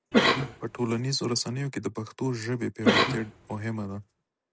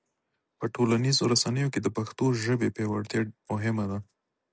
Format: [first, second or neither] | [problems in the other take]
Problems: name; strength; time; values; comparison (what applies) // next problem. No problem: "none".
second | background sound (Cough); 4 dB above the speech